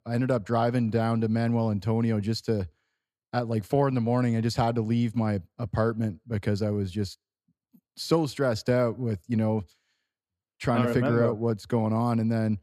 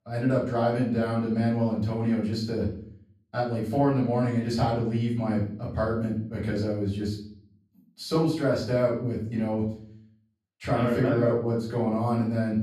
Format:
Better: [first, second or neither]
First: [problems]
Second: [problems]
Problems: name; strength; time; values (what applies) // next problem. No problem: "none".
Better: first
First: none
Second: off-mic speech; far // room echo; noticeable; dies away in 0.5 s